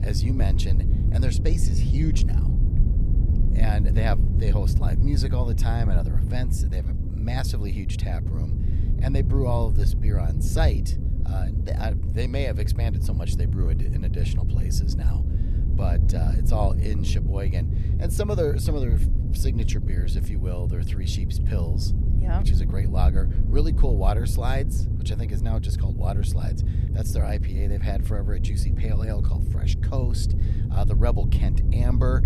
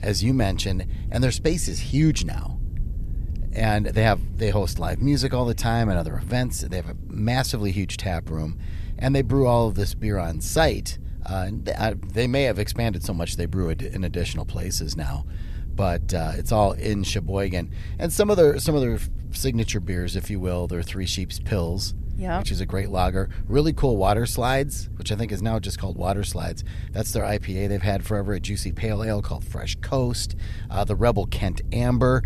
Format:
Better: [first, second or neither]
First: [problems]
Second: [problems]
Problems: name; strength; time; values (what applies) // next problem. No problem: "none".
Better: second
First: low rumble; loud; throughout; 5 dB below the speech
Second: low rumble; faint; throughout; 20 dB below the speech